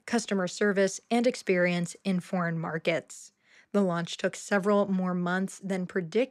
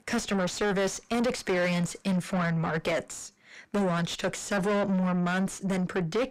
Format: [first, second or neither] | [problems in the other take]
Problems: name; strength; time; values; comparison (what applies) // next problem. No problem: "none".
first | distortion; heavy; 6 dB below the speech